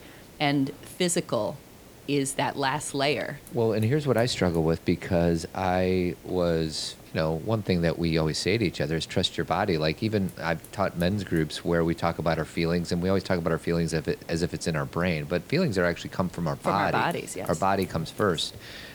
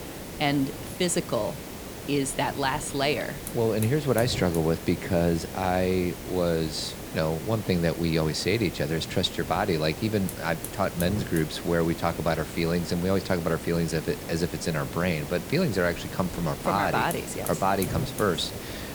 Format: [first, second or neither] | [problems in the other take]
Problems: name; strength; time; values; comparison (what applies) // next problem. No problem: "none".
first | hiss; loud; throughout; 9 dB below the speech; faint in the first